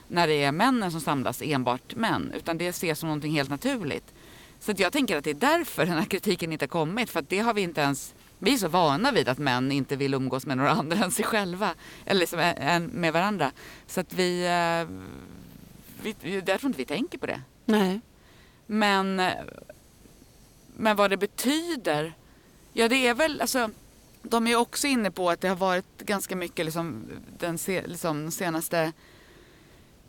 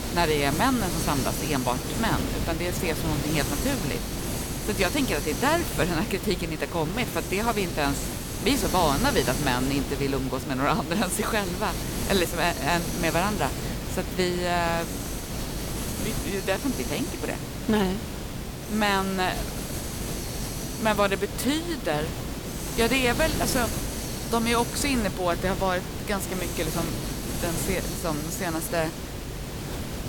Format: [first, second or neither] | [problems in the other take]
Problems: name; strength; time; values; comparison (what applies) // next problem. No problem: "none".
first | hiss; loud; throughout; 4 dB below the speech; faint in the first